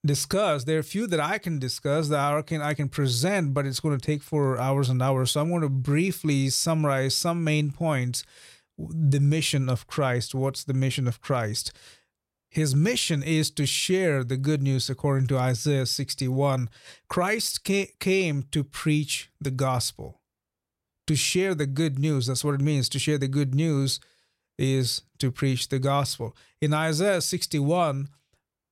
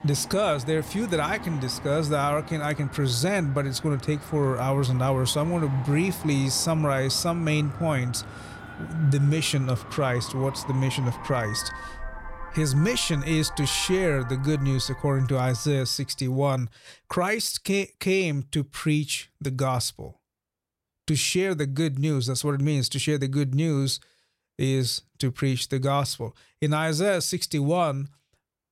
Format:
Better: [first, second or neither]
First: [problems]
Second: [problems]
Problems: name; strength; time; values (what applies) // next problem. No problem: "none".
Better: first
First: none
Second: traffic noise; noticeable; until 15 s; 15 dB below the speech